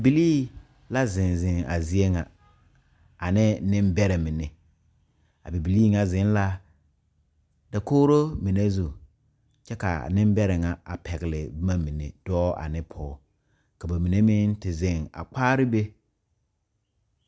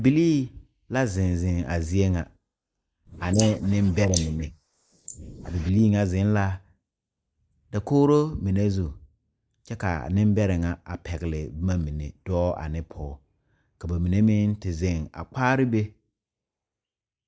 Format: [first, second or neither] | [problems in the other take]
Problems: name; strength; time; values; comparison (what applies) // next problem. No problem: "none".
first | noise reduction (neural mask model Resemble Enhance denoiser)